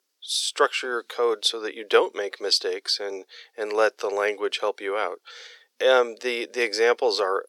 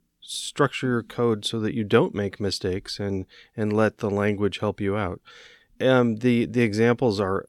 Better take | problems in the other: second | thin; very; fading below 400 Hz

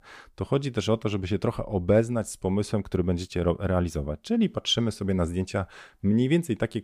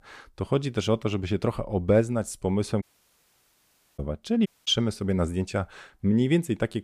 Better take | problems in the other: first | audio cutting out; at 3 s for 1 s and at 4.5 s

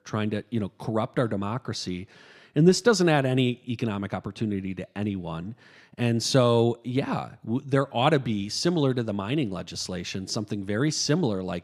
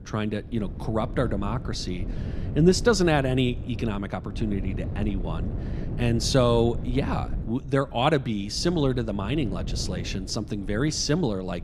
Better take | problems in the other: first | wind noise on the microphone; occasional gusts; 15 dB below the speech

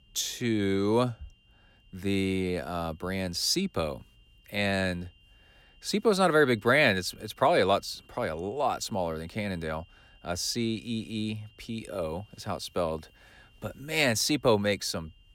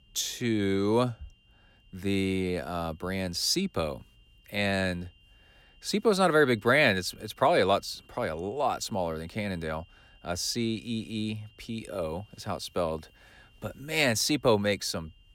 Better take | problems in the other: neither | high-pitched whine; faint; throughout; 3 kHz, 35 dB below the speech; the same in both

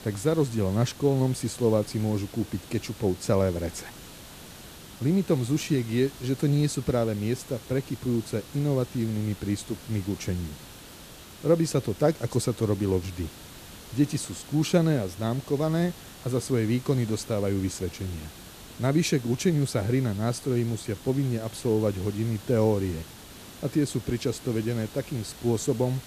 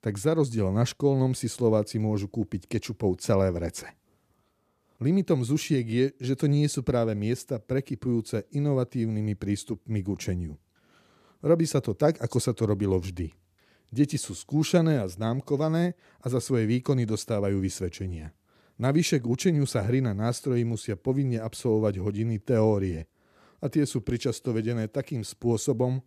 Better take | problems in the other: second | hiss; noticeable; throughout; 15 dB below the speech

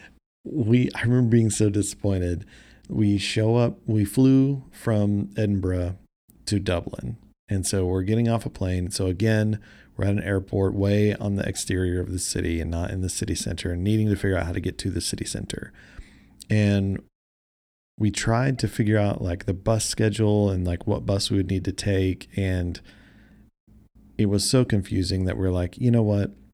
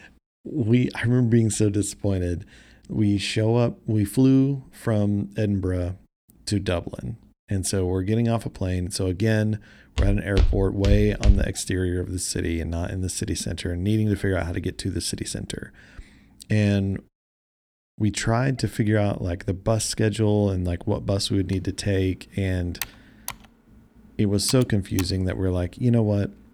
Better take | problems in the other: first | footsteps; loud; from 10 to 11 s; peak 1 dB above the speech // keyboard typing; noticeable; from 22 to 25 s; peak 9 dB below the speech

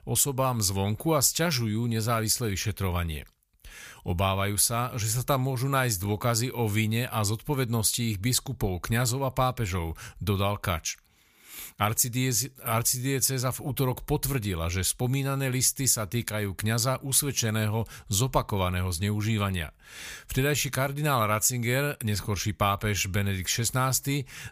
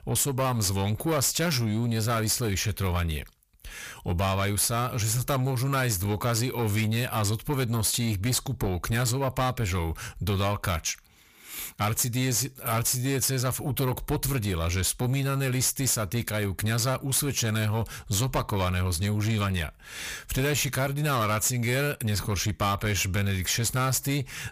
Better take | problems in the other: first | distortion; slight; 10 dB below the speech

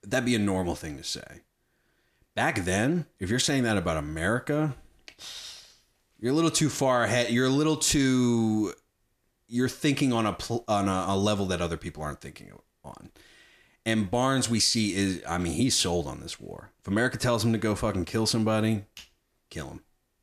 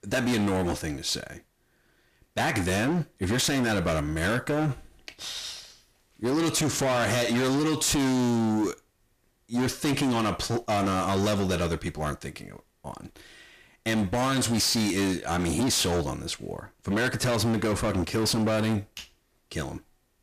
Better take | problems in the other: first | distortion; heavy; 22% of the sound clipped

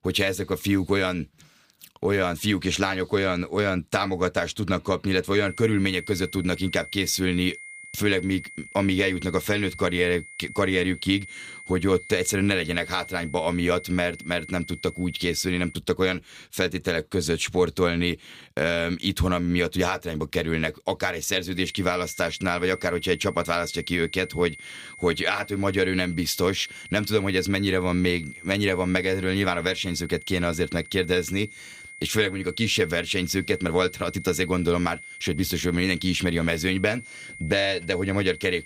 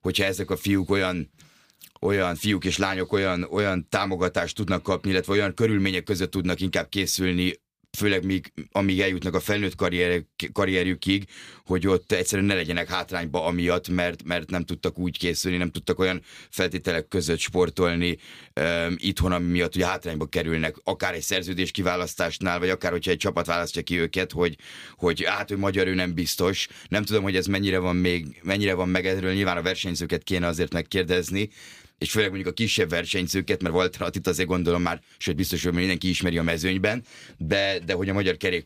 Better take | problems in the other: second | high-pitched whine; noticeable; from 5.5 to 16 s and from 22 s on; 2 kHz, 15 dB below the speech

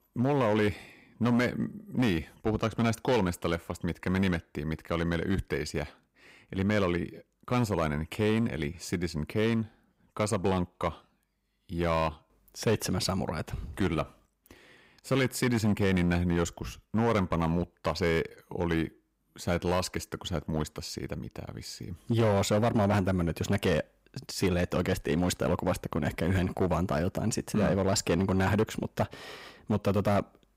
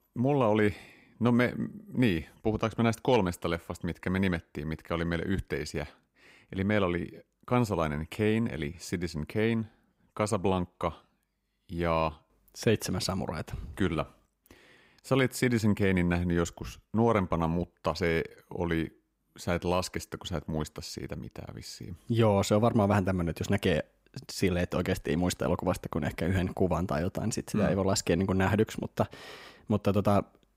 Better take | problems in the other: second | distortion; slight; 6% of the sound clipped

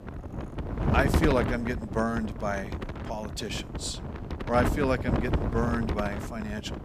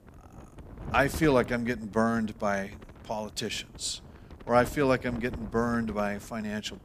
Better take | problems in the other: second | wind noise on the microphone; heavy; 5 dB below the speech; occasional gusts in the second

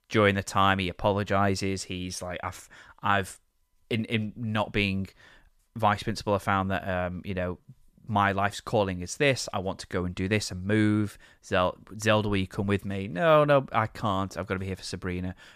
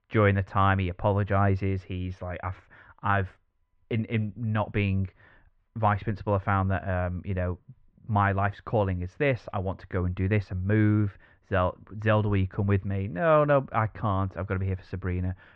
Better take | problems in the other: first | muffled; very; fading above 2 kHz

